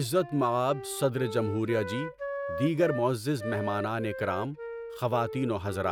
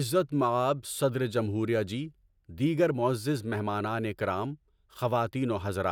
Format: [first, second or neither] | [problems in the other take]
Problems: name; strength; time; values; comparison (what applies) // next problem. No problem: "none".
second | background sound (Wind instrument, woodwind instrument); 9 dB below the speech